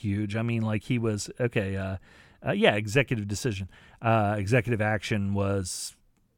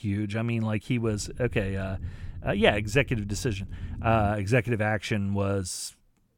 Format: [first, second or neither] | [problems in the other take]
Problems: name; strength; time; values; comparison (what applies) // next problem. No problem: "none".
first | low rumble; faint; from 1 to 4.5 s; 25 dB below the speech